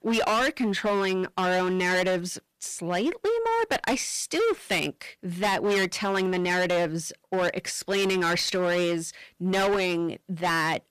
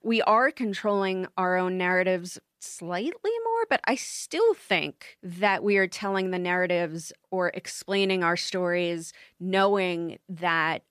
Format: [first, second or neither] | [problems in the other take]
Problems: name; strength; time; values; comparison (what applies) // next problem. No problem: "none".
second | distortion; heavy; 20% of the sound clipped